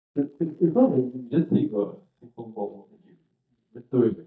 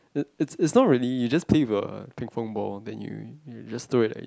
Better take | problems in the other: second | noise reduction (neural mask model DeepFilterNet 3)

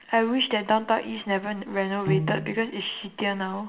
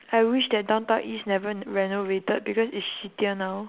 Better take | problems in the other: second | background sound (Piano); 3 dB below the speech // room echo; dies away in 0.5 s

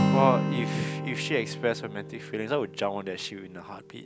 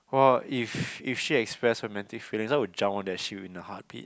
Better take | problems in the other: second | background sound (Acoustic guitar); 1 dB below the speech

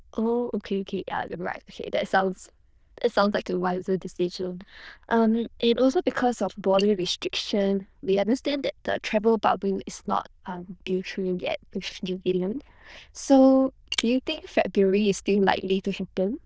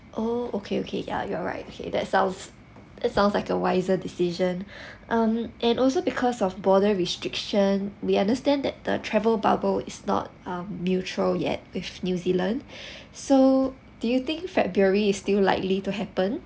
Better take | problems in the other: second | noise reduction (neural diffusion model UNIVERSE++)

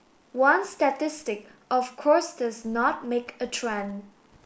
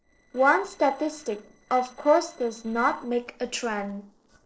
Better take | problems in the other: first | noise reduction (neural separator model SepFormer DNS4)

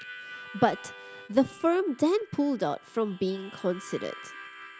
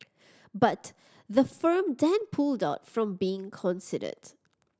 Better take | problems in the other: second | background sound (Harmonica); 16 dB below the speech

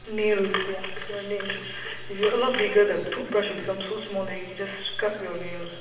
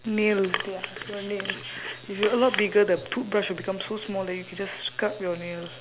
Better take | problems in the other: second | room echo; dies away in 1 s

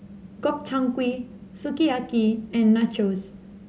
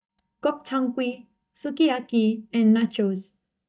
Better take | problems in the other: first | noise reduction (neural mask model DeepFilterNet 3)

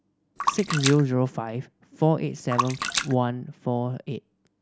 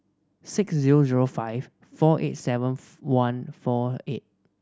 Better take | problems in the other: second | background sound (Splash, splatter); 6 dB below the speech

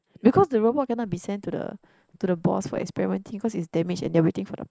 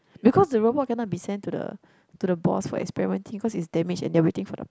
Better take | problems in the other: second | noise reduction (neural mask model RNNoise)

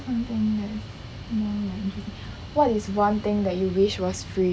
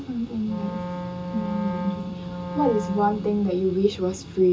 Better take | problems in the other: first | background sound (Wind instrument, woodwind instrument); 8 dB below the speech // room echo; dies away in 0.2 s

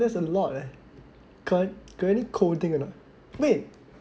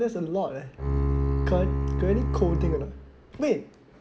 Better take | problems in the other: first | background sound (Bowed string instrument); 3 dB above the speech

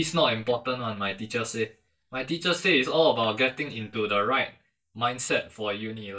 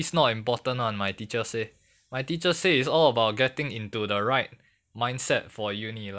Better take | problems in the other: second | noise reduction (neural mask model DeepFilterNet 3)

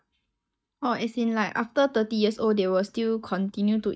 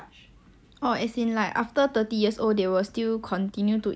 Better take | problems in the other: second | noise reduction (neural mask model DeepFilterNet 3)

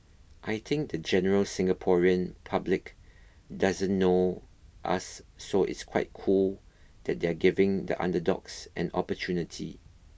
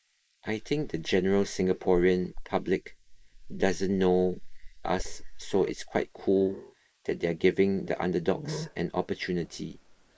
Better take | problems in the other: first | noise reduction (neural mask model Resemble Enhance denoiser)

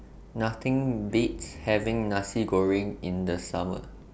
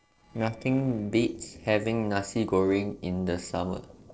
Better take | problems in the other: first | noise reduction (neural separator model SepFormer DNS4)

